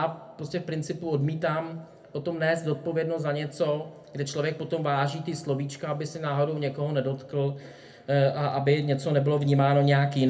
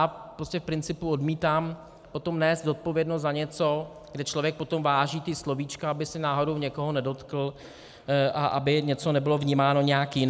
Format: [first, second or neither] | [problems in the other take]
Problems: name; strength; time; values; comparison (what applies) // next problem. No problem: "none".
second | room echo; dies away in 0.3 s